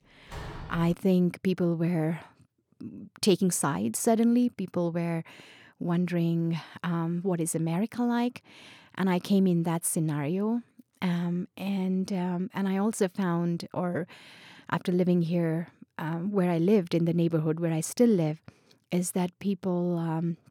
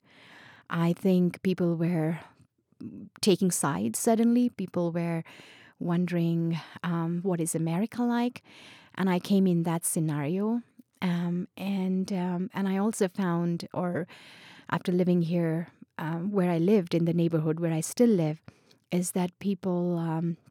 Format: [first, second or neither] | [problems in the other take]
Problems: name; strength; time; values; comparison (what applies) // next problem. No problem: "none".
second | door banging; faint; at 0.5 s; peak 15 dB below the speech